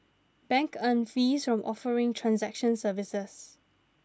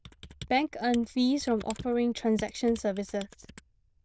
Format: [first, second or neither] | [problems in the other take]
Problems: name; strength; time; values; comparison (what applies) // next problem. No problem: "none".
first | noise reduction (neural diffusion model UNIVERSE++)